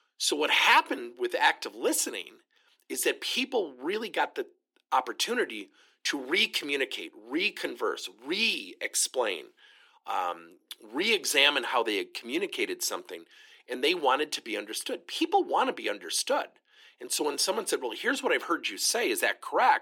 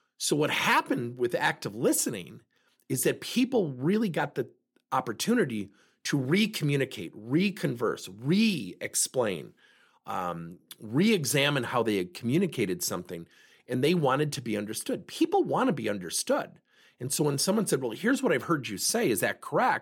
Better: second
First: thin; somewhat; fading below 300 Hz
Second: none

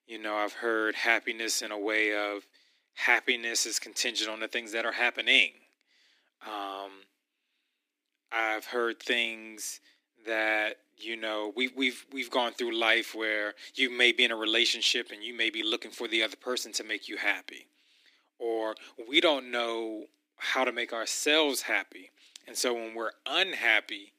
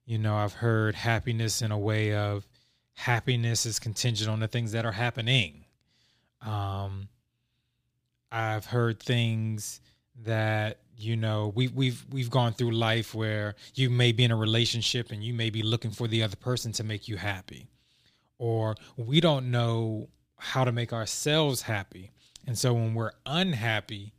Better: second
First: thin; very; fading below 250 Hz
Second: none

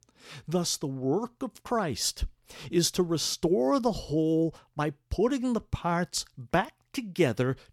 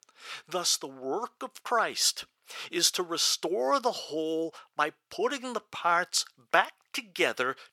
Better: first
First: none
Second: thin; very; fading below 600 Hz

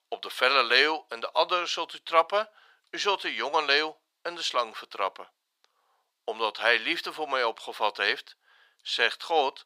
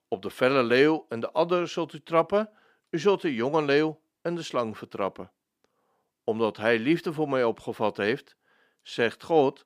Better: second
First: thin; very; fading below 900 Hz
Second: none

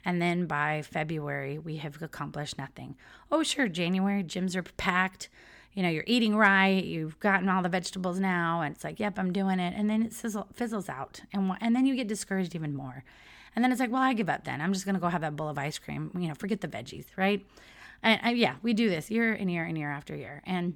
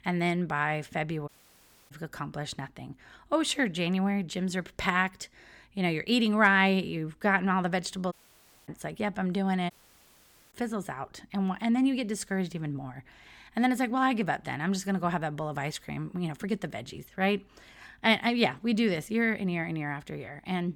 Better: first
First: none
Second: audio cutting out; at 1.5 s for 0.5 s, at 8 s for 0.5 s and at 9.5 s for 1 s

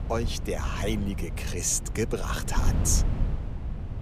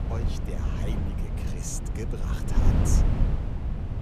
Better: first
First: wind noise on the microphone; occasional gusts; 10 dB below the speech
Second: wind noise on the microphone; heavy; 2 dB above the speech

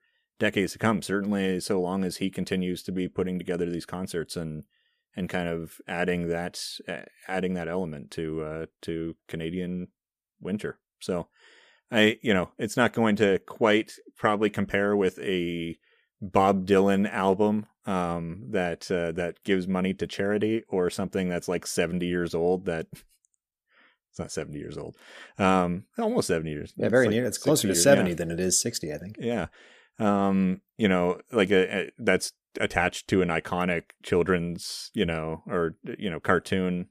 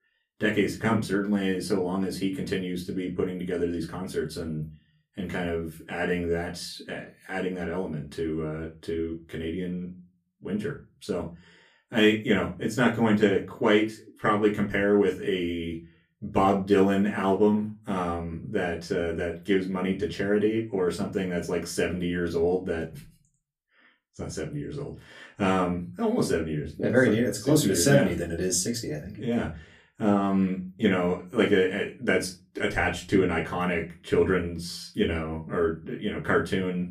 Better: first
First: none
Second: off-mic speech; far // room echo; very slight; dies away in 0.3 s

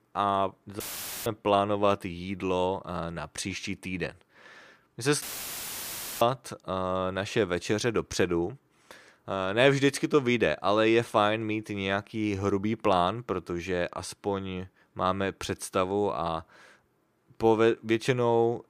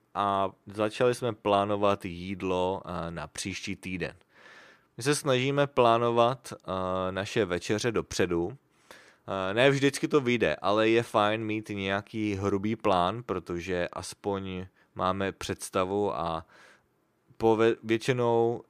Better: second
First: audio cutting out; filled with static; at 1 s and at 5 s for 1 s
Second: none

